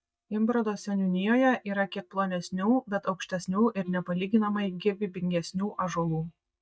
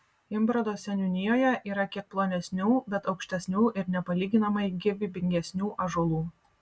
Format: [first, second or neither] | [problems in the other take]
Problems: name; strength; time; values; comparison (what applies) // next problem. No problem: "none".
second | noise reduction (neural mask model DeepFilterNet 3)